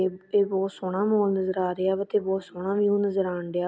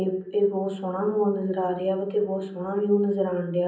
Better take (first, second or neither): first